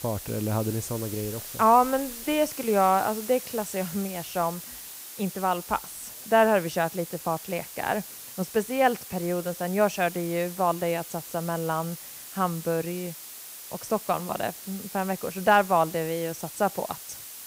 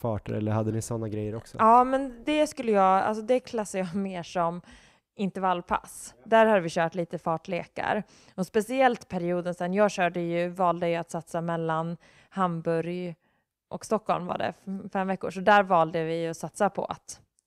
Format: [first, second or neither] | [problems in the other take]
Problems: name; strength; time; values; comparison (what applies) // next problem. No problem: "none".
second | hiss; noticeable; throughout; 10 dB below the speech